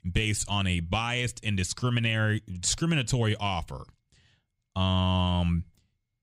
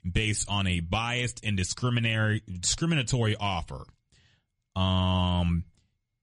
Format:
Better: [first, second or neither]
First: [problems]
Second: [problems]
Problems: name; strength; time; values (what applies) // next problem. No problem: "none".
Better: first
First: none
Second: garbled, watery; slightly; nothing above 10 kHz